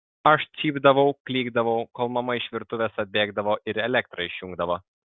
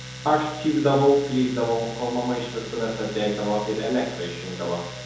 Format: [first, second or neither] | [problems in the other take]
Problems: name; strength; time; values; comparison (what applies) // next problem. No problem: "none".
first | background sound (Domestic sounds, home sounds); 12 dB below the speech // room echo; dies away in 2 s